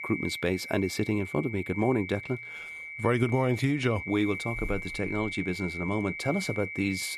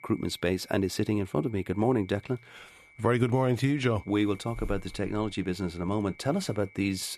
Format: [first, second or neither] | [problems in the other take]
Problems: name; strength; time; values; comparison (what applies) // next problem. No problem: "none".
second | high-pitched whine; loud; throughout; 2.5 kHz, 7 dB below the speech; faint in the second